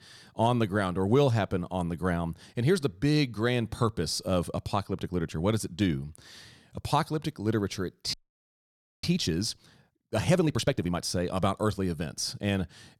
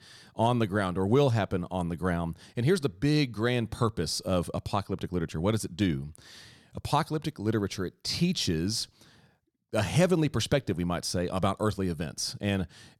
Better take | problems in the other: second | audio freezing; at 8 s for 1 s

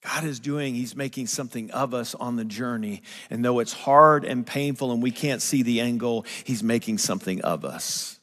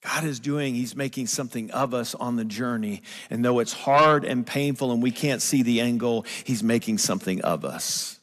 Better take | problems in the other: first | distortion; slight; 10 dB below the speech

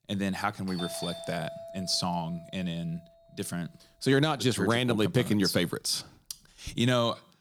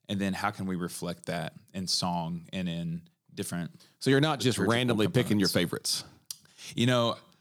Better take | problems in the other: second | doorbell; noticeable; from 0.5 to 7 s; peak 8 dB below the speech

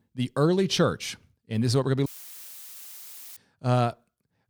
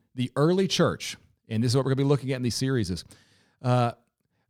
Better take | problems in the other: second | audio cutting out; filled with static; at 2 s for 1.5 s

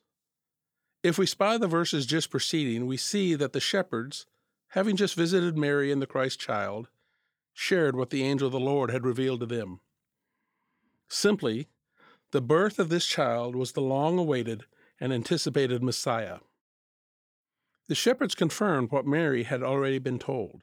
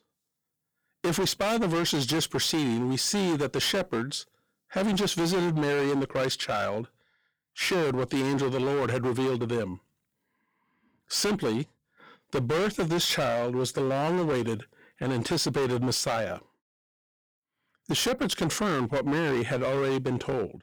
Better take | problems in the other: first | distortion; heavy; 20% of the sound clipped

